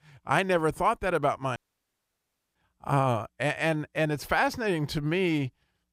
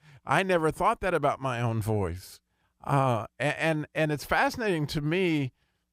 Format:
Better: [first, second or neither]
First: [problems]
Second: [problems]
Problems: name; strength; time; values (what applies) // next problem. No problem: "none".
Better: second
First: audio cutting out; at 1.5 s for 1 s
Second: none